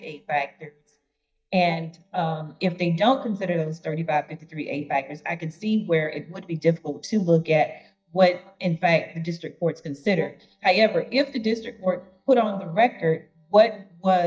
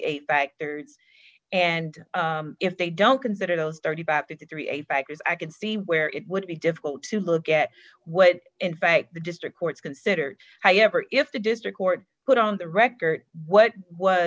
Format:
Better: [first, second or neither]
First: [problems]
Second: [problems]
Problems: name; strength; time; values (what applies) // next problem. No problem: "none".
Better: second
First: noise reduction (neural mask model DeepFilterNet 3)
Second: none